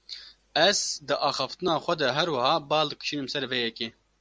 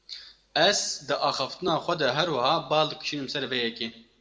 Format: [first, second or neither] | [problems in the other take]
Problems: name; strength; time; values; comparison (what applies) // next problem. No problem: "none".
first | room echo; dies away in 0.7 s